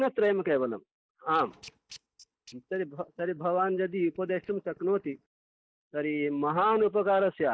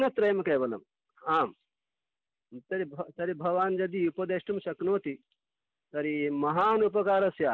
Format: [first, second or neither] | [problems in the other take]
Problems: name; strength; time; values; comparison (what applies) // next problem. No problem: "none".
second | noise reduction (neural mask model DeepFilterNet 3)